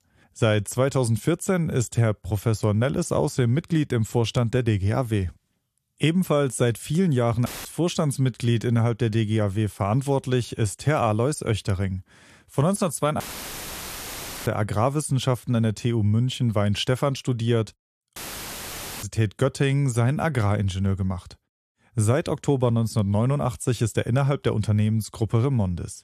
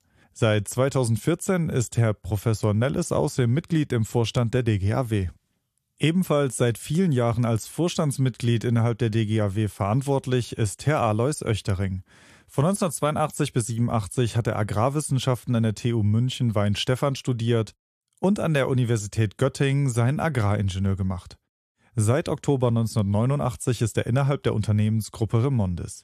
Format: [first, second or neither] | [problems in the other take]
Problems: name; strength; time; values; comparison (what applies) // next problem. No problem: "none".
second | audio cutting out; filled with static; at 7.5 s, at 13 s for 1.5 s and at 18 s for 1 s